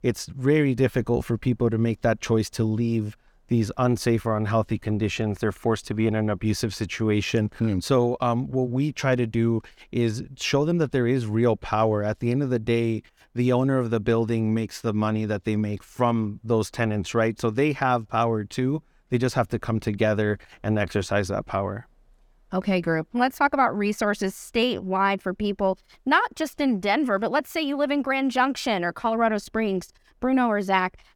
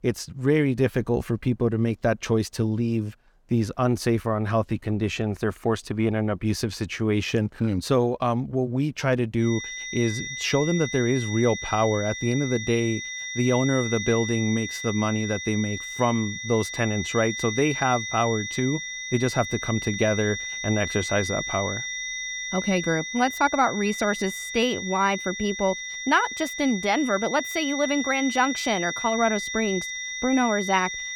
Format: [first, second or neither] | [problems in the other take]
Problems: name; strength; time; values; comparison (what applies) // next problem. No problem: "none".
first | high-pitched whine; loud; from 9.5 s on; 2 kHz, 6 dB below the speech